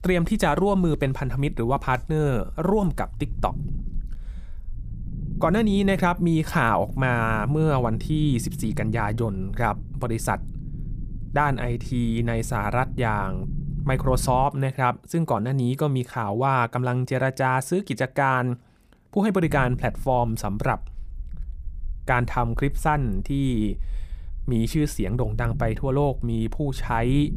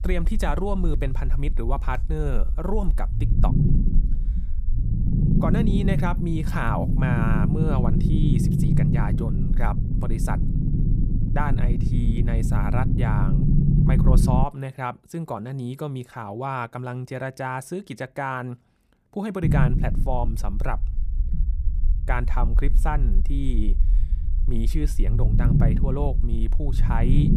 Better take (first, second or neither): first